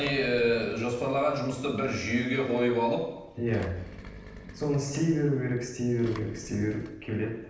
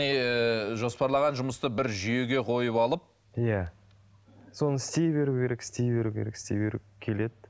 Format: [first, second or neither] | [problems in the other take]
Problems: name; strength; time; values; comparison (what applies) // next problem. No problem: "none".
second | background sound (Engine); 19 dB below the speech // room echo; dies away in 0.9 s